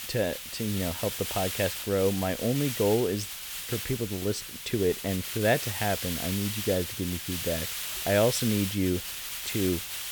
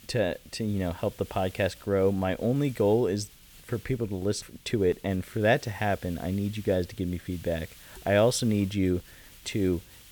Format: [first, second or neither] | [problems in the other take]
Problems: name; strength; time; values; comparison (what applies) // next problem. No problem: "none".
second | hiss; loud; throughout; 4 dB below the speech; faint in the second